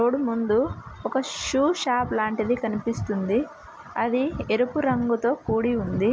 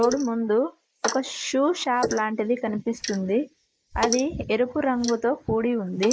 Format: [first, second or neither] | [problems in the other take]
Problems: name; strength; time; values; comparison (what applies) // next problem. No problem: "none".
first | noise reduction (neural mask model Resemble Enhance denoiser)